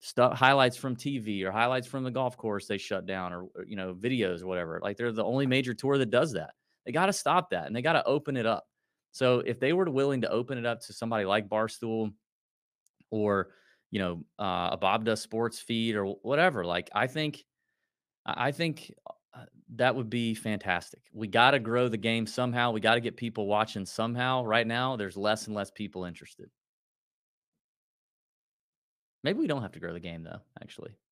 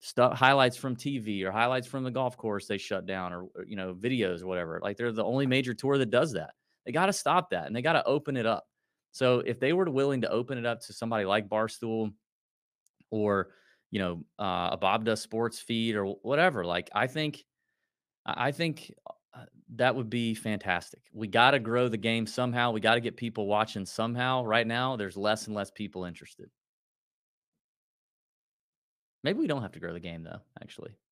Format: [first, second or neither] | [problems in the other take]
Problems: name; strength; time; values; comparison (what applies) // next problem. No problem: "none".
neither | none